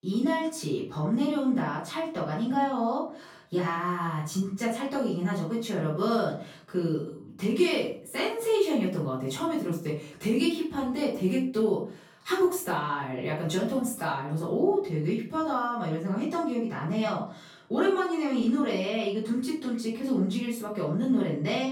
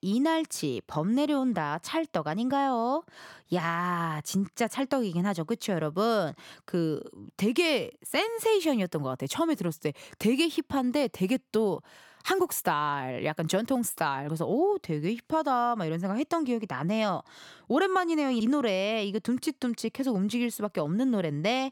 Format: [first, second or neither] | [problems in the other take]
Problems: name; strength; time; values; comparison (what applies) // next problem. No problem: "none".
second | off-mic speech; far // room echo; noticeable; dies away in 0.4 s